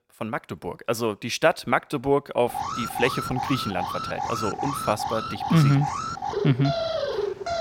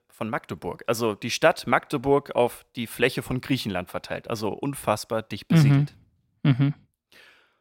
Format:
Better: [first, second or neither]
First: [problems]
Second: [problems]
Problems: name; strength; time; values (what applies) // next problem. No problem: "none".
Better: second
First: alarm; noticeable; from 2.5 s on; peak 1 dB below the speech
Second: none